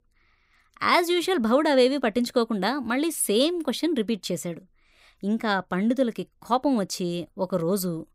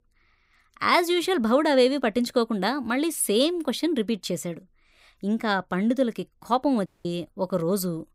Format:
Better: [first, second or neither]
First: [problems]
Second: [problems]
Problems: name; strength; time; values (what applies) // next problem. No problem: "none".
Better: first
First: none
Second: audio cutting out; at 7 s